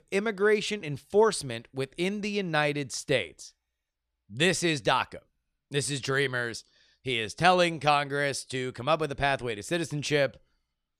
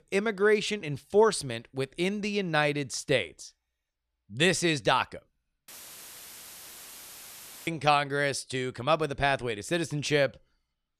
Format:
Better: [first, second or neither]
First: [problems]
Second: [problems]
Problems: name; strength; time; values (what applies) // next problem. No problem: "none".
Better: first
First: none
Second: audio cutting out; filled with static; at 5.5 s for 2 s